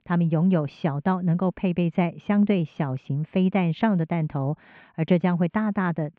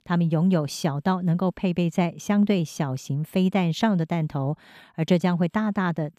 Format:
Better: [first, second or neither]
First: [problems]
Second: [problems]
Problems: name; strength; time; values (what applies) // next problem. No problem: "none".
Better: second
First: muffled; very; fading above 2.5 kHz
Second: none